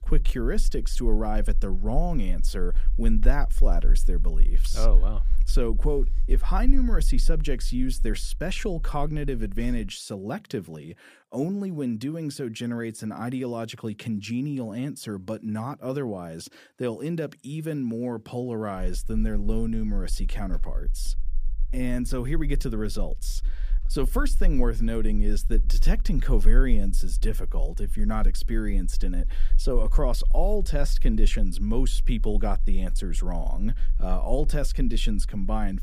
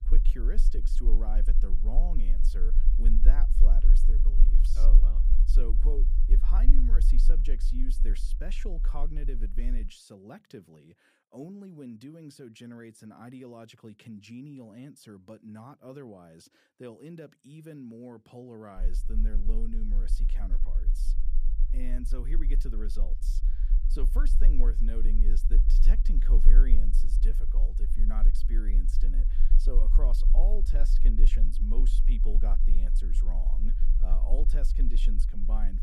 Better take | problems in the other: first | low rumble; loud; until 10 s and from 19 s on; 8 dB below the speech; faint in the first

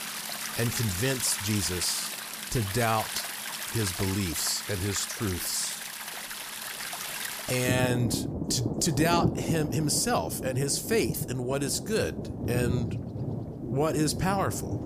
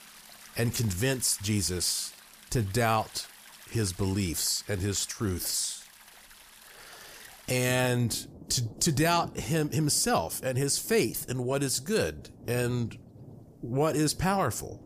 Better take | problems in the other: second | rain or running water; loud; throughout; 5 dB below the speech; faint in the second

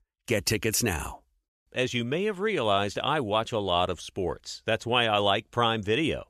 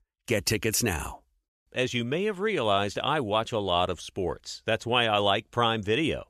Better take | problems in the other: neither | none

